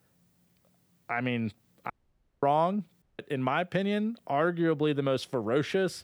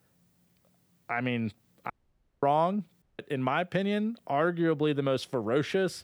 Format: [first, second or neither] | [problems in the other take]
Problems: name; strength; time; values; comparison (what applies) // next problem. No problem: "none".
neither | audio cutting out; at 2 s for 0.5 s and at 3 s; the same in both